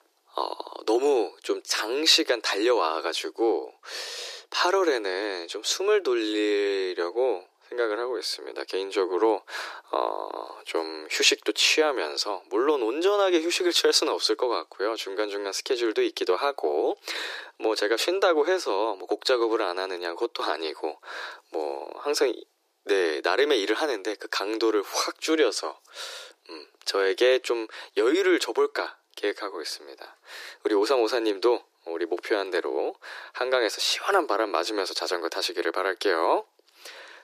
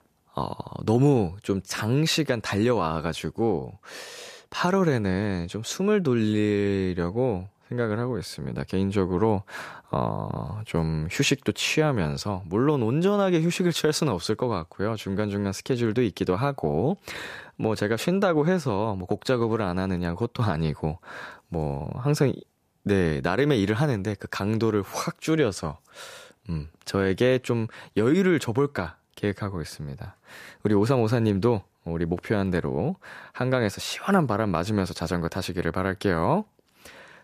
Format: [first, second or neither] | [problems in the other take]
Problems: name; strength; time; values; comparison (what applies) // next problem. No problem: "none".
second | thin; very; fading below 350 Hz